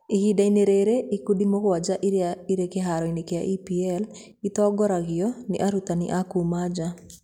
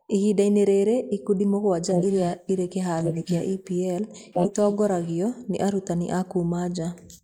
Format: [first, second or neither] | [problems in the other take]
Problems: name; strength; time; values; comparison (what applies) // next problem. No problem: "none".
first | noise reduction (neural mask model Resemble Enhance denoiser)